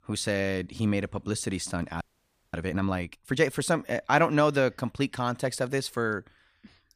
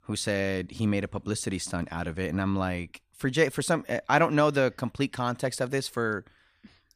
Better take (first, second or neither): second